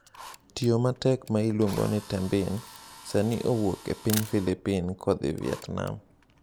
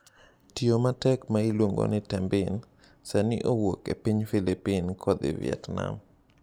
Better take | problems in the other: second | background sound (Camera + Drill); 16 dB below the speech

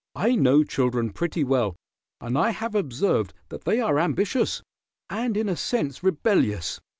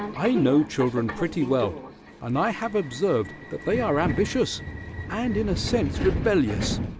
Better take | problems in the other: first | background sound (Subway, metro, underground); 7 dB below the speech

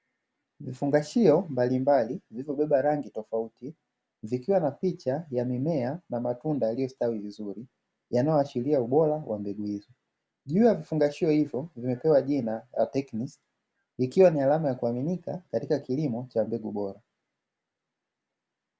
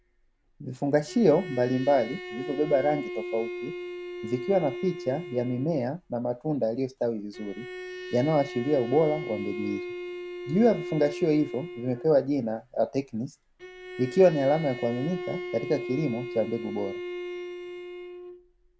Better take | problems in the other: first | background sound (Bowed string instrument); 10 dB below the speech

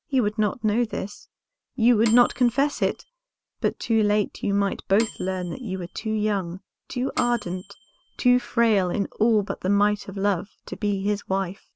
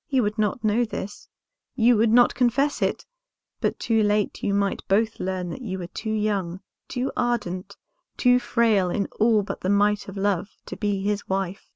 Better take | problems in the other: second | background sound (Microwave oven / Bell); 16 dB below the speech

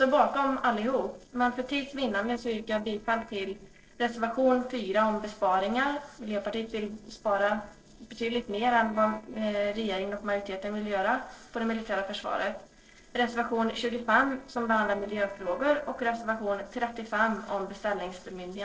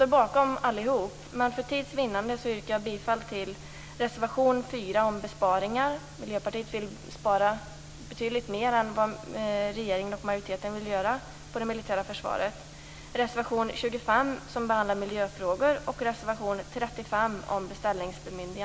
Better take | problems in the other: second | noise reduction (neural separator model SepFormer DNS4)

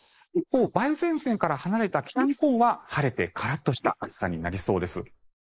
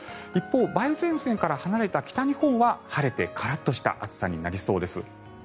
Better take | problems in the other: second | noise reduction (neural mask model Resemble Enhance denoiser)

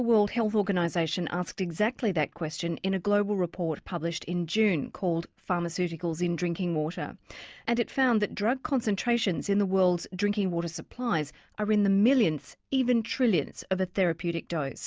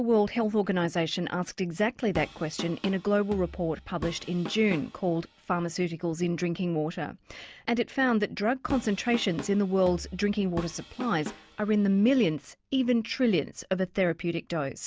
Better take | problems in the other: first | background sound (Drum kit); 14 dB below the speech

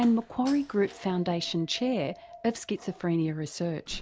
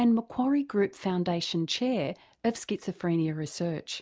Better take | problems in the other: second | background sound (Dog + Slam); 20 dB below the speech

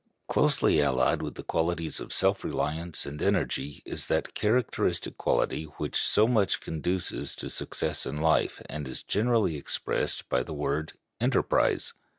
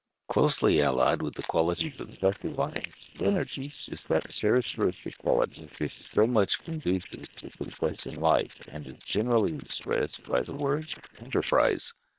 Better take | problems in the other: first | noise reduction (neural separator model SepFormer WHAM!)

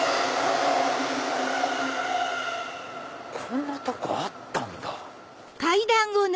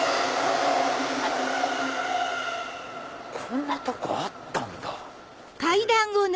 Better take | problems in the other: first | background sound (Dog); 17 dB below the speech

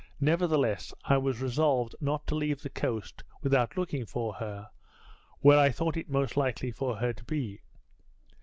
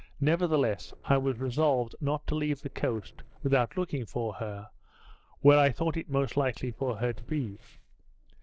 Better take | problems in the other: first | noise reduction (neural separator model SepFormer DNS4)

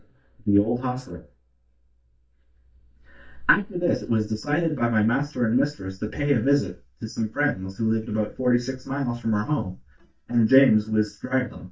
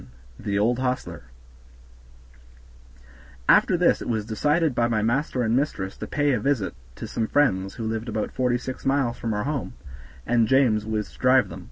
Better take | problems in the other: second | noise reduction (neural mask model DeepFilterNet 3)

